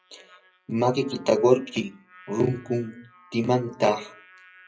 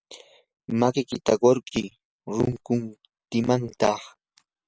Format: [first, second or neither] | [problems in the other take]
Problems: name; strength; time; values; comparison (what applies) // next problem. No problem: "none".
second | noise reduction (classical method WPE with log-MMSE)